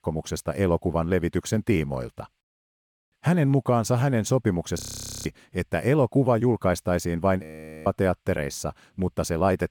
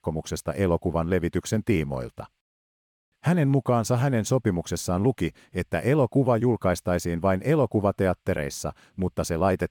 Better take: second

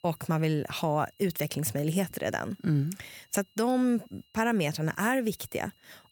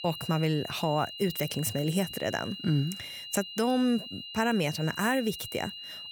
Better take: first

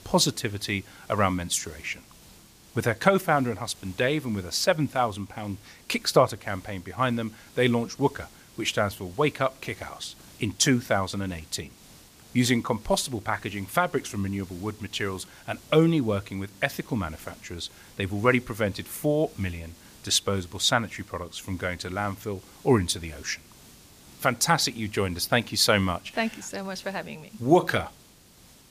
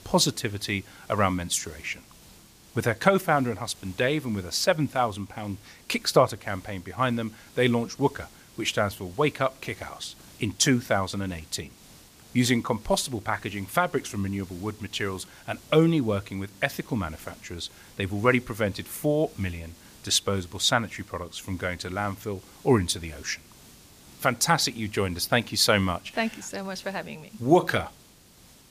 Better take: neither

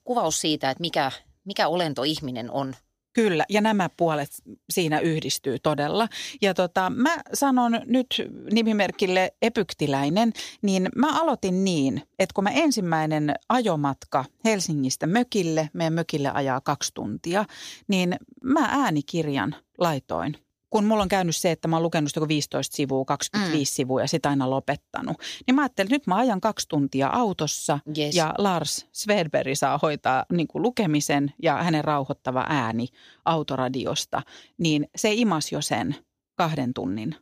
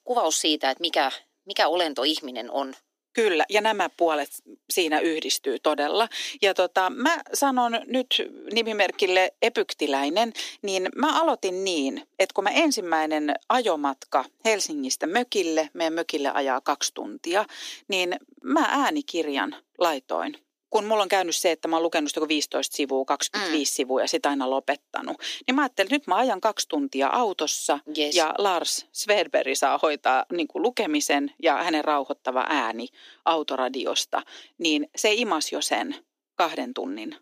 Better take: first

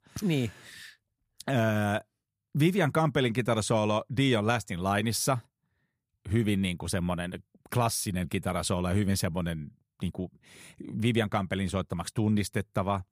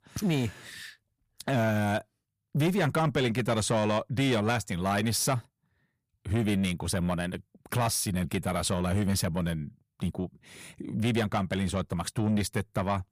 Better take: first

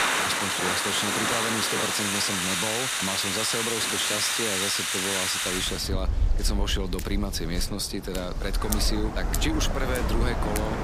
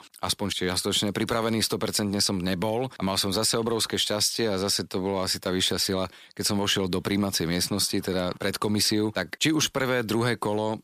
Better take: second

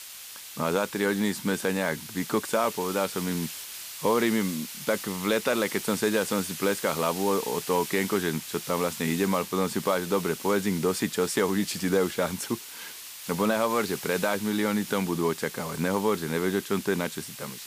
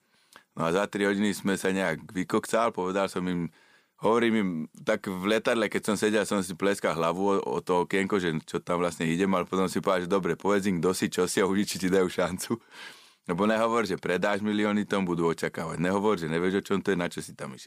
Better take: second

